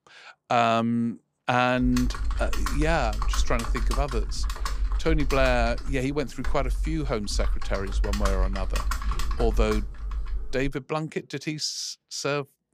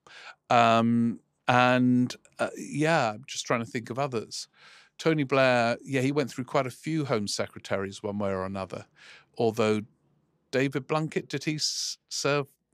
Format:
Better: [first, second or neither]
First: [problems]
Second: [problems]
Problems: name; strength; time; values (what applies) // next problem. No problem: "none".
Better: second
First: keyboard typing; loud; from 2 to 11 s; peak level with the speech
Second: none